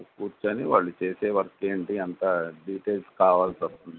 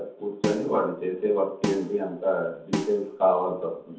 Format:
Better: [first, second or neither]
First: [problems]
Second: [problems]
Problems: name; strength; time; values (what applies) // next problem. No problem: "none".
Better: first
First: none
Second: background sound (Snare drum); 8 dB below the speech // room echo; dies away in 0.7 s